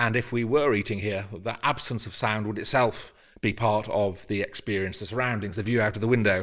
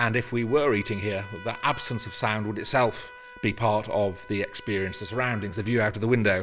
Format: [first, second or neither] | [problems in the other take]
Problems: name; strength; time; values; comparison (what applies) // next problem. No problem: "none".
first | background sound (Trumpet); 19 dB below the speech